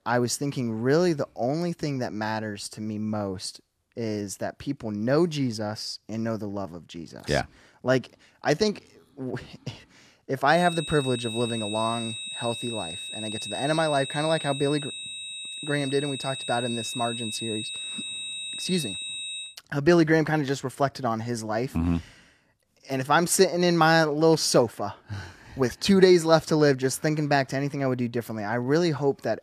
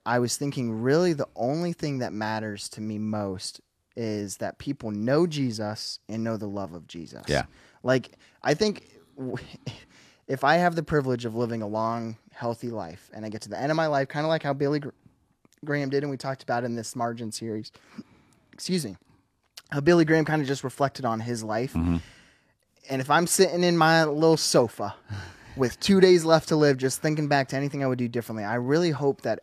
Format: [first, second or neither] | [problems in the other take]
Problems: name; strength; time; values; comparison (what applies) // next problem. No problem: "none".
second | high-pitched whine; loud; from 11 to 19 s; 4 kHz, 7 dB below the speech